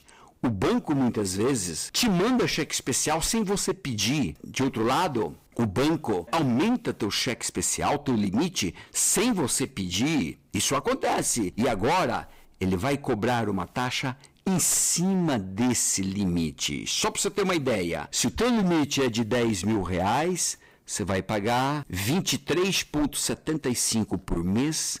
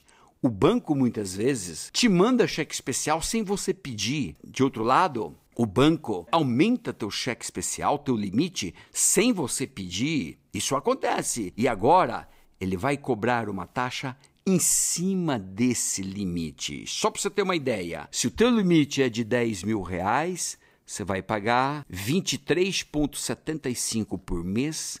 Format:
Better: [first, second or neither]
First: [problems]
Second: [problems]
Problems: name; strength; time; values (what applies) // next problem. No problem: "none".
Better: second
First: distortion; heavy; 18% of the sound clipped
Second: none